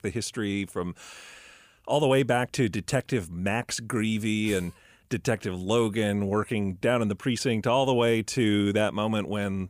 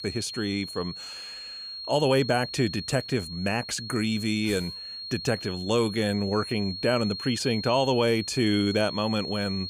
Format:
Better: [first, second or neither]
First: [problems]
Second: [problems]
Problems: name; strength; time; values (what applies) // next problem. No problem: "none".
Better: first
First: none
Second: high-pitched whine; loud; throughout; 4.5 kHz, 8 dB below the speech